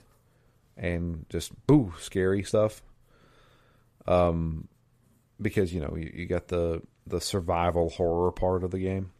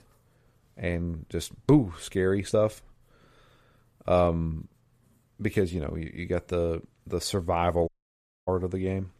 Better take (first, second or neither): first